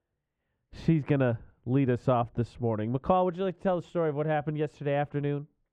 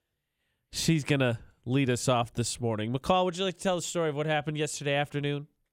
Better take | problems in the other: second | muffled; very; fading above 3.5 kHz

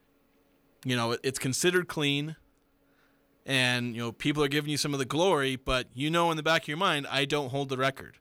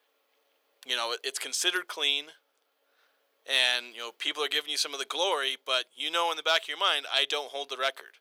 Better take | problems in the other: first | thin; very; fading below 450 Hz

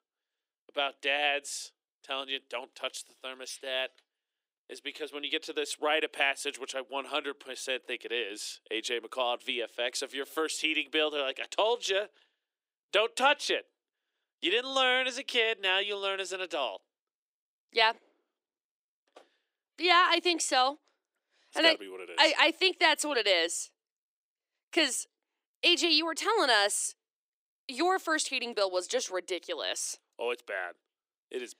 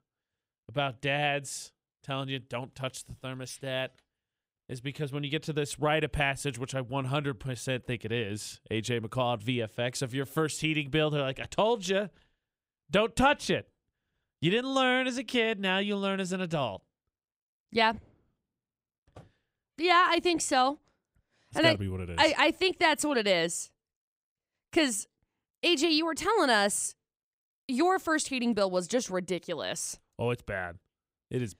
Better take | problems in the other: second | thin; somewhat; fading below 300 Hz

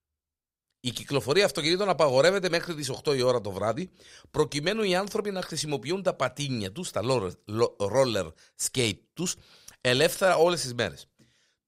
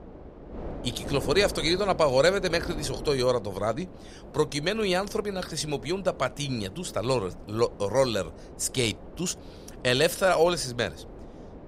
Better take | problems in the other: first | wind noise on the microphone; occasional gusts; 20 dB below the speech

